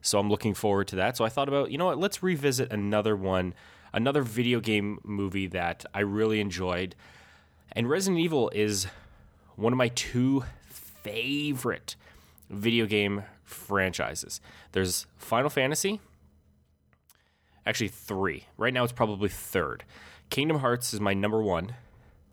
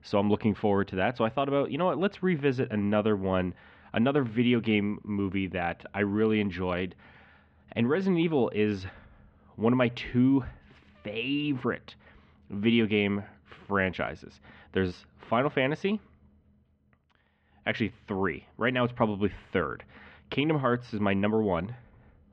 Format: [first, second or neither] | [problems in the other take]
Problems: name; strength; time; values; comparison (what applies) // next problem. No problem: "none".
first | muffled; very; fading above 3 kHz